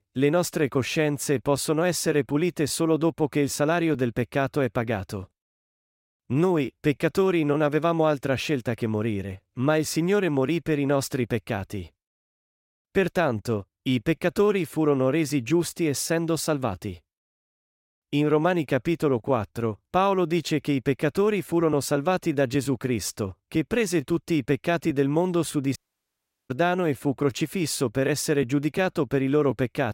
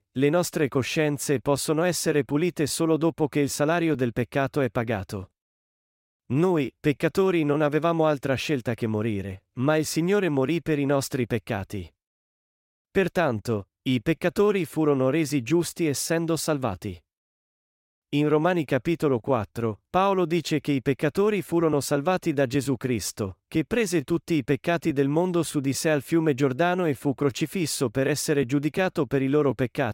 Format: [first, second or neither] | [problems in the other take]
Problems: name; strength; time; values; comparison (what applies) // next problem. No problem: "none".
second | audio cutting out; at 26 s for 0.5 s